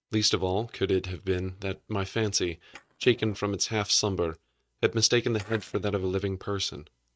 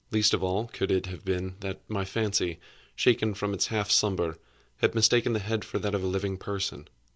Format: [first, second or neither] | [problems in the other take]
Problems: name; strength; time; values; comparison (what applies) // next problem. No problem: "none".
second | noise reduction (neural mask model RNNoise)